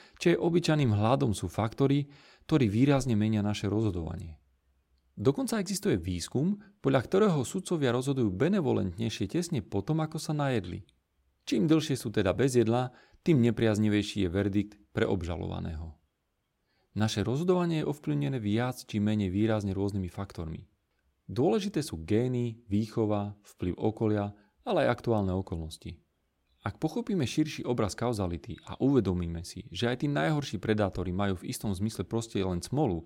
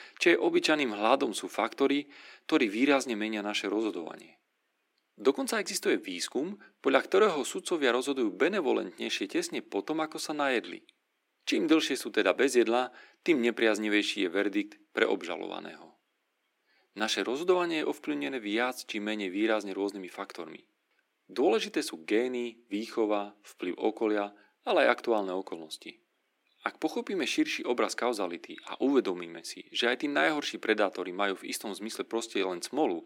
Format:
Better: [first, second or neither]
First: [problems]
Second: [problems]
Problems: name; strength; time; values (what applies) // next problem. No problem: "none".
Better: first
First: none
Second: thin; somewhat; fading below 250 Hz